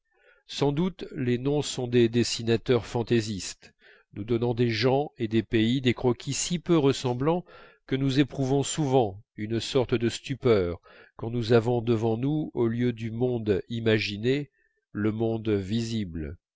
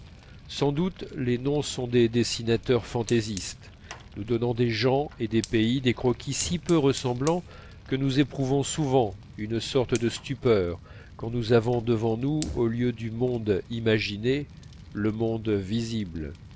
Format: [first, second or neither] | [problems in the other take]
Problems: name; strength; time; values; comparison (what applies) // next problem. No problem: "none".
first | background sound (Fire + Fire); 18 dB below the speech